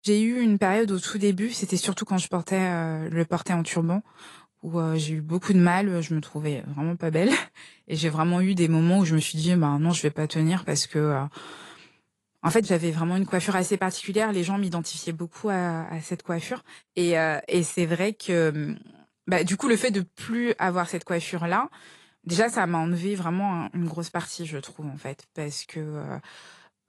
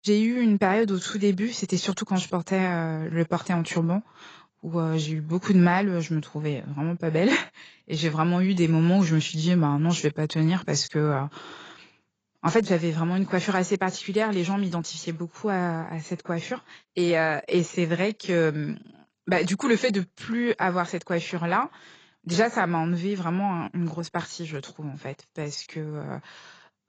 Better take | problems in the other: first | garbled, watery; badly; nothing above 7.5 kHz; slightly in the first

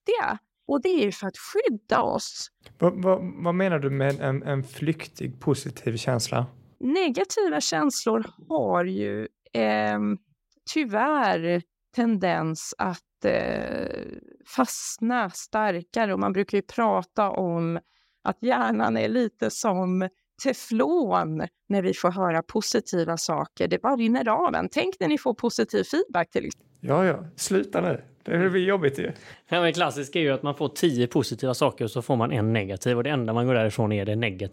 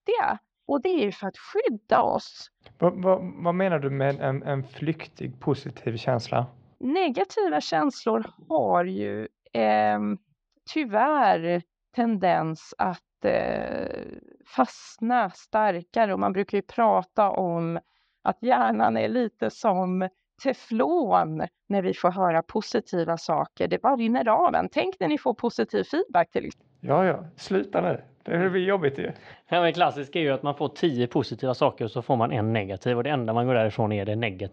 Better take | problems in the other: first | muffled; slightly; fading above 4.5 kHz

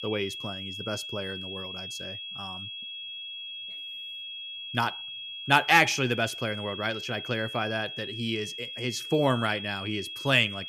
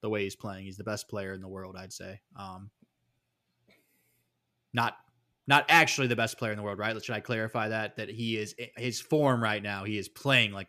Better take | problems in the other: second | high-pitched whine; loud; throughout; 3.5 kHz, 8 dB below the speech

